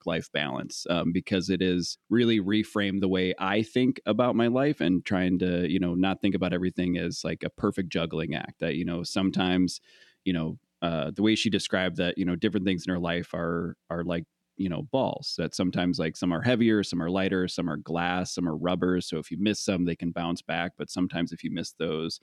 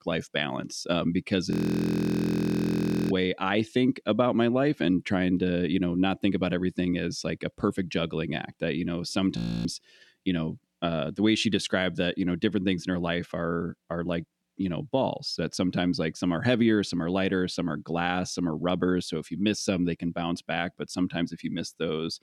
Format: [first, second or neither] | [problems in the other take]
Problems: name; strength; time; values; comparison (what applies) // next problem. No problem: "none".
first | audio freezing; at 1.5 s for 1.5 s and at 9.5 s